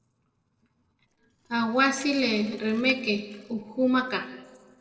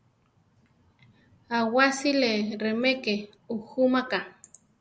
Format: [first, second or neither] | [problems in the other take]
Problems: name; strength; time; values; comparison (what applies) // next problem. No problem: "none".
second | noise reduction (neural separator model SepFormer DNS4)